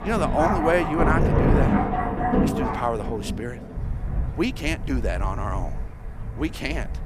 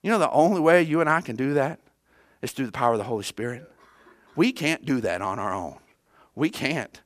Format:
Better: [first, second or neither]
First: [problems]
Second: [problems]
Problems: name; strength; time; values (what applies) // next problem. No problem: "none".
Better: second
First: rain or running water; very loud; throughout; 1 dB above the speech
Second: none